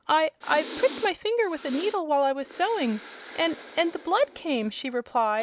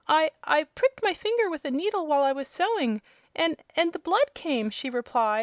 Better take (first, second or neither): second